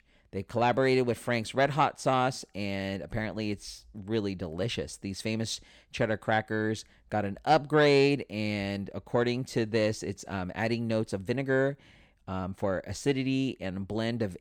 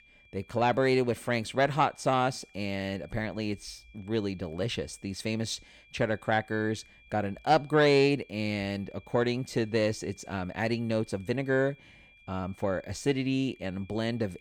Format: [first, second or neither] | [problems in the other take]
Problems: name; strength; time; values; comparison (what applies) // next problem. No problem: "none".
first | high-pitched whine; faint; throughout; 2.5 kHz, 25 dB below the speech